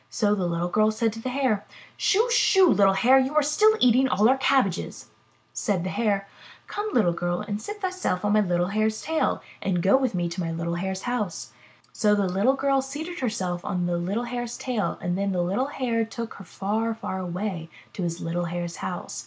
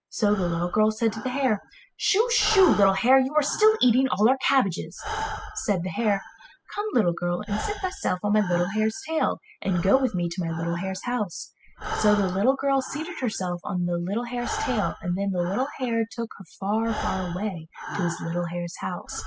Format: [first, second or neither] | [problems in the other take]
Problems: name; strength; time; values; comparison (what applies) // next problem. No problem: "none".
first | noise reduction (classical method spectral subtraction)